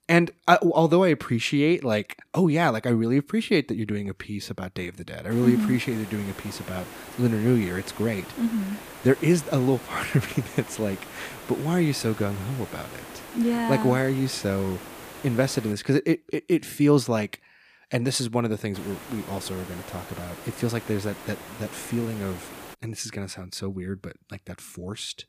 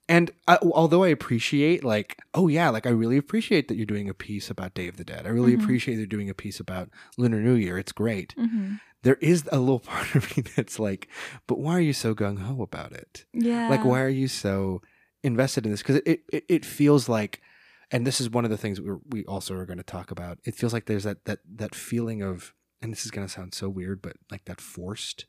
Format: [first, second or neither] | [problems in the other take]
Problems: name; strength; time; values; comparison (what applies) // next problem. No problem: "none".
second | hiss; noticeable; from 5.5 to 16 s and from 19 to 23 s; 15 dB below the speech